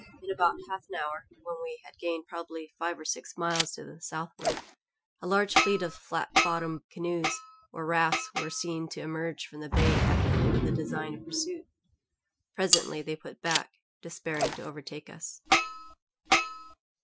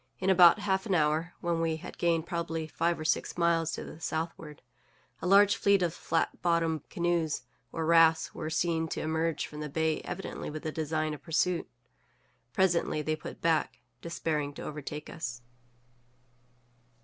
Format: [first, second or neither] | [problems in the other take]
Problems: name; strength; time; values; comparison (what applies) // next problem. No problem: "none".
second | noise reduction (classical method Wiener filter)